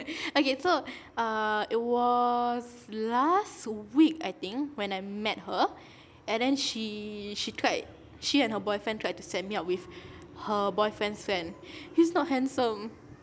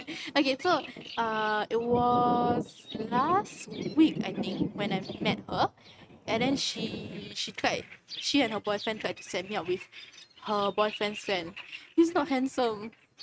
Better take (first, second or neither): first